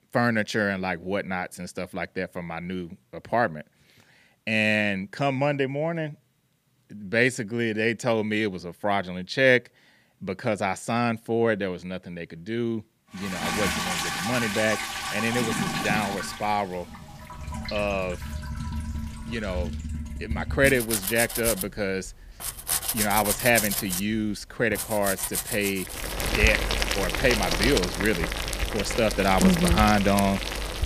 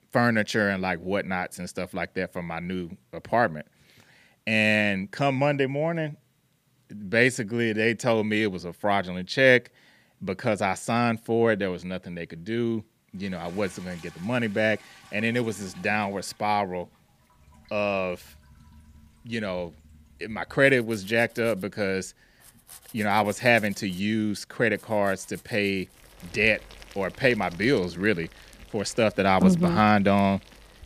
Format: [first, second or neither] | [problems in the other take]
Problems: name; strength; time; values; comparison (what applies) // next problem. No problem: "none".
second | household noises; loud; from 13 s on; 2 dB below the speech; faint in the second